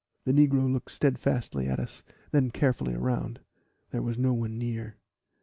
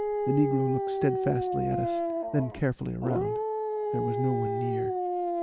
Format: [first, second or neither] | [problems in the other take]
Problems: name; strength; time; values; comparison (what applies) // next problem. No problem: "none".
first | background sound (Dog); 1 dB above the speech